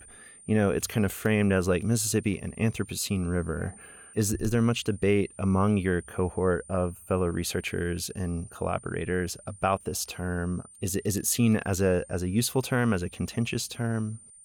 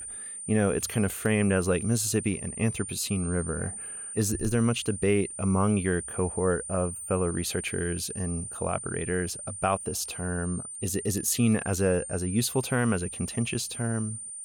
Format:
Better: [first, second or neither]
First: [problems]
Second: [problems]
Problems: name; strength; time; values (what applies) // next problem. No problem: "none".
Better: first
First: high-pitched whine; faint; throughout; 9 kHz, 20 dB below the speech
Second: high-pitched whine; loud; throughout; 9 kHz, 8 dB below the speech